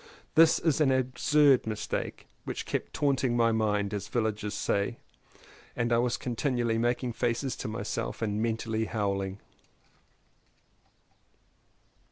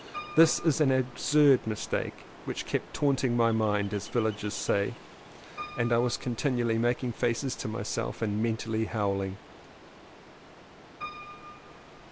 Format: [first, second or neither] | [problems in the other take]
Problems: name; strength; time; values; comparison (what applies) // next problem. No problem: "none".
first | background sound (Piano + Ocean); 17 dB below the speech